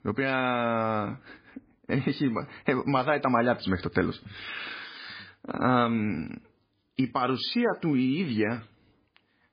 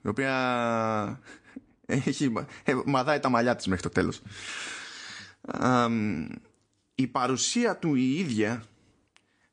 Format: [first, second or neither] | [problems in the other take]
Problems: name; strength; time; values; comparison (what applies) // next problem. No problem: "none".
second | garbled, watery; badly; nothing above 4.5 kHz; slightly in the second